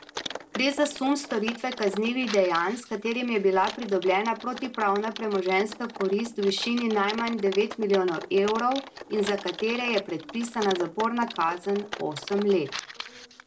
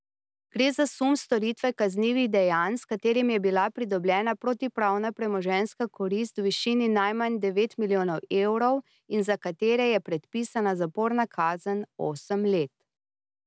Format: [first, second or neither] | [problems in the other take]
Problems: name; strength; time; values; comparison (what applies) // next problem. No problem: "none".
second | background sound (Typing); 13 dB below the speech // room echo; dies away in 0.2 s